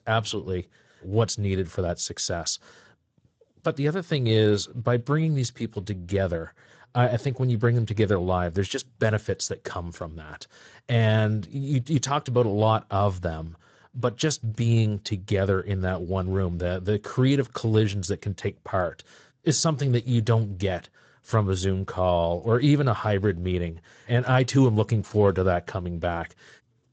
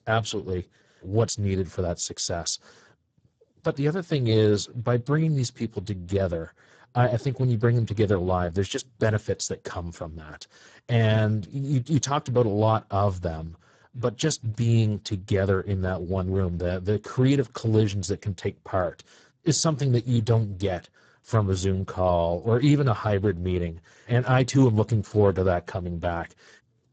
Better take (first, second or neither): first